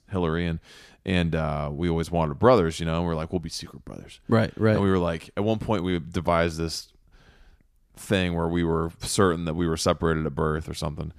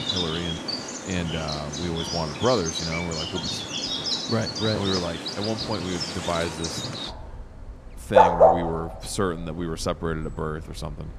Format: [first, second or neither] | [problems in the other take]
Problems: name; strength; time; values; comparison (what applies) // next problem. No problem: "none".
first | animal sounds; very loud; throughout; 4 dB above the speech